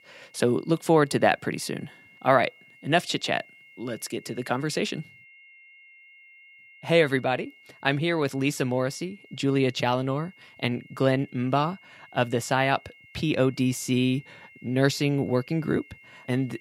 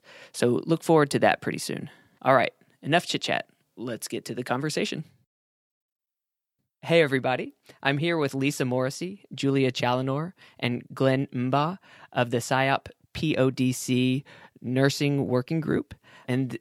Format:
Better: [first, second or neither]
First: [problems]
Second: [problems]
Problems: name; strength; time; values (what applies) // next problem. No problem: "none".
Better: second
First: high-pitched whine; faint; throughout; 2 kHz, 25 dB below the speech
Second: none